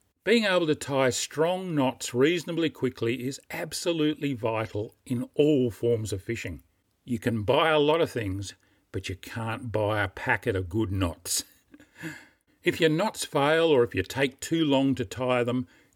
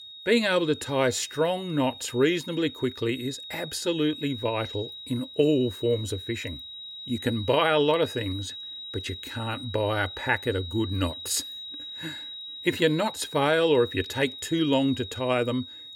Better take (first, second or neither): first